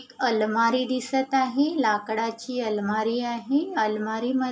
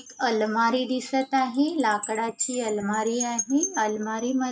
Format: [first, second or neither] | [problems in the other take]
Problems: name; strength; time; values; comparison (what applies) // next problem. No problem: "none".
first | noise reduction (neural mask model RNNoise)